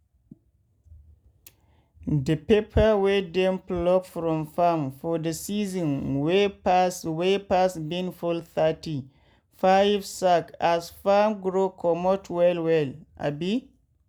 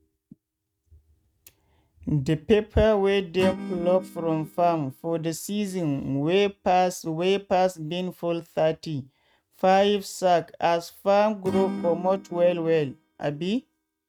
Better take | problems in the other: first | noise reduction (neural mask model RNNoise)

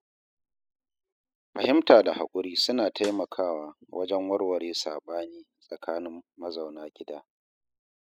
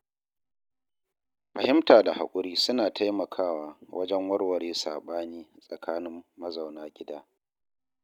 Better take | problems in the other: second | noise reduction (classical method spectral subtraction)

